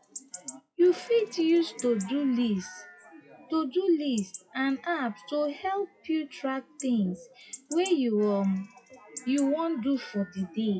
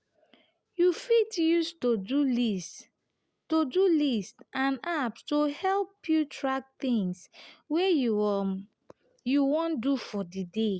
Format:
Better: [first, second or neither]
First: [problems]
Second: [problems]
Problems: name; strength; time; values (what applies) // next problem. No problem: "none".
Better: second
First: noise reduction (classical method WPE with log-MMSE)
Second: none